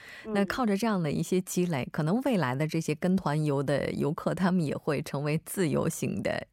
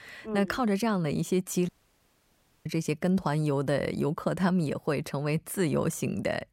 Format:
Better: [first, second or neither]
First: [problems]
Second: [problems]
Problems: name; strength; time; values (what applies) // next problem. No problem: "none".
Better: first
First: none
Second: audio cutting out; at 1.5 s for 1 s